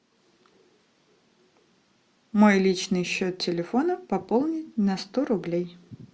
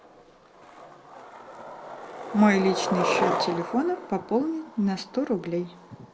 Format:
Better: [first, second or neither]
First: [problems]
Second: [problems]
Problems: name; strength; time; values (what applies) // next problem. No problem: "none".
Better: first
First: none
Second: background sound (Skateboard); 5 dB below the speech